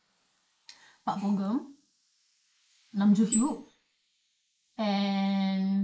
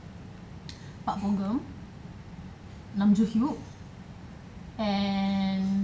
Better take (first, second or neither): second